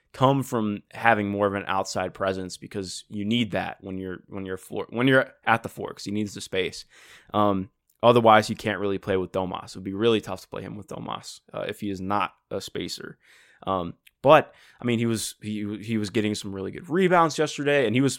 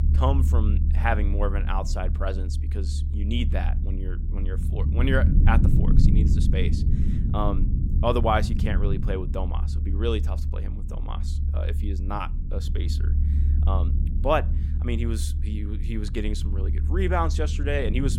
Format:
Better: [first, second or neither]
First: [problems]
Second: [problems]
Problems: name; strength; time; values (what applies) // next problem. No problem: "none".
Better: first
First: none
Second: low rumble; noticeable; throughout; 10 dB below the speech